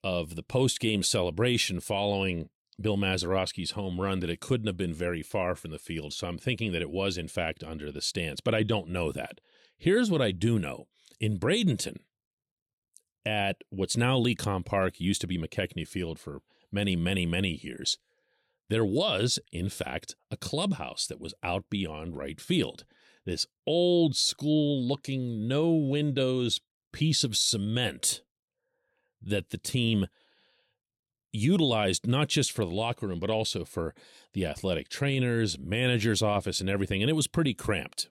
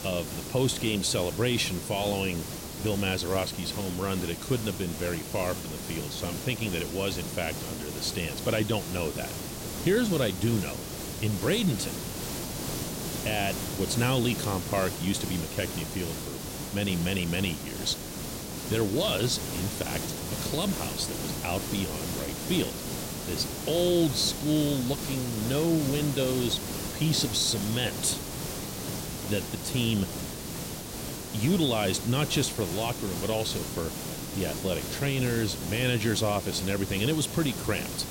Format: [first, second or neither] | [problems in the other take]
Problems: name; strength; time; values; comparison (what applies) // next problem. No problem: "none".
first | hiss; loud; throughout; 5 dB below the speech